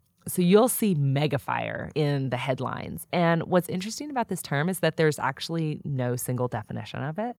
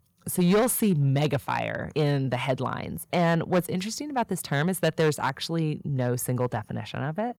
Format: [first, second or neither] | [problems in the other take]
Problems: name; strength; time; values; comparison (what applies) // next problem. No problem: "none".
first | distortion; slight; 5% of the sound clipped